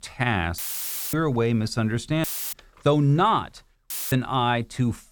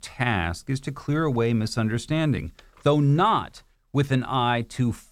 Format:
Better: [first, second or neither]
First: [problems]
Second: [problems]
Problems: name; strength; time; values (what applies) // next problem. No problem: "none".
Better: second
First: audio cutting out; filled with static; at 0.5 s for 0.5 s, at 2 s and at 4 s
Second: none